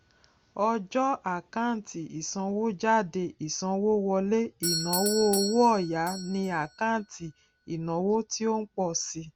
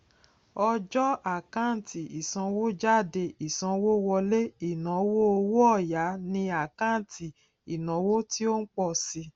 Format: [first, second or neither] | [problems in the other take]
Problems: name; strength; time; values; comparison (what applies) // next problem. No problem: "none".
second | background sound (Doorbell); 12 dB below the speech